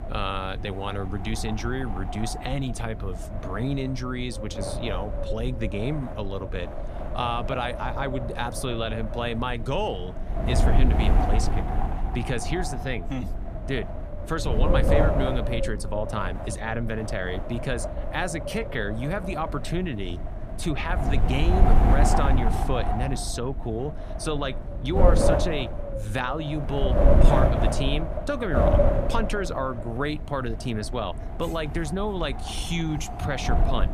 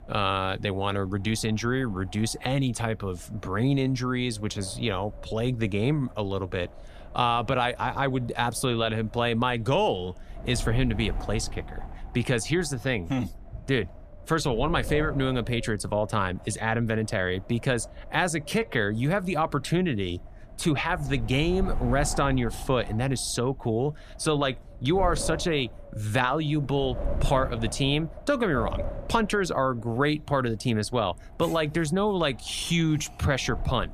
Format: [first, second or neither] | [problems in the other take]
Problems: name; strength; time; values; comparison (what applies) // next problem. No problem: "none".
second | wind noise on the microphone; heavy; as loud as the speech; occasional gusts in the second